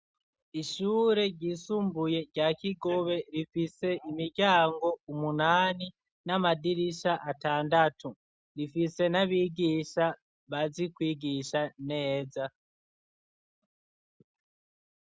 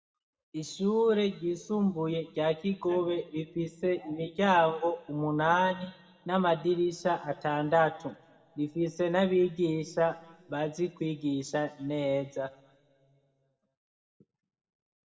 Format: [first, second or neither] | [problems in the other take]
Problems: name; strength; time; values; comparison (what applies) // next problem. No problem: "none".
first | room echo; dies away in 1.4 s